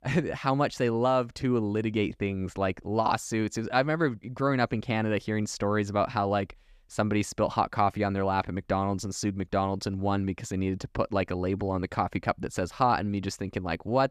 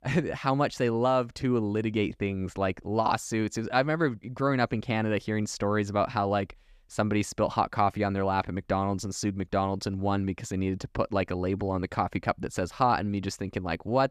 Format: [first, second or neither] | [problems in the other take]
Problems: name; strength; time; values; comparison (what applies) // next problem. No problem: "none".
neither | none